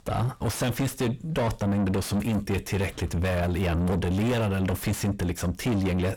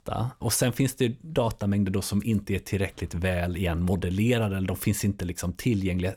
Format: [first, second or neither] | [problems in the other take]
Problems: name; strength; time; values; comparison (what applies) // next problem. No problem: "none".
second | distortion; heavy; 7 dB below the speech